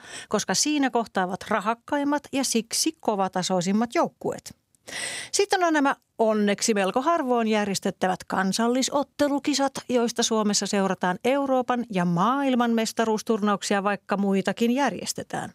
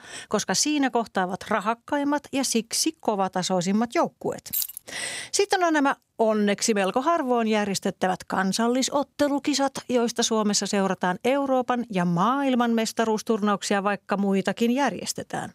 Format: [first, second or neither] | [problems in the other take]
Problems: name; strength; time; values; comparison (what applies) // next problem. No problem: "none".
first | jangling keys; noticeable; at 4.5 s; peak 3 dB below the speech